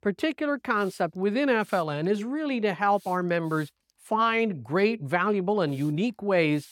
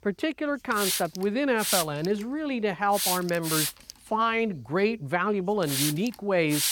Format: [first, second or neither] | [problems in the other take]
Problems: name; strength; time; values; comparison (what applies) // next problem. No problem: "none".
first | hiss; loud; throughout; 1 dB below the speech; faint in the first